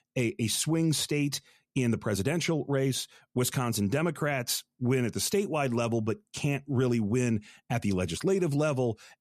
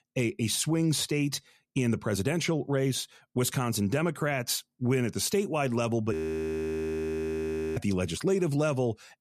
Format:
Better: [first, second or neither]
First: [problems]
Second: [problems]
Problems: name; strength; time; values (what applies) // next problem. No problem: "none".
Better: first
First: none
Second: audio freezing; at 6 s for 1.5 s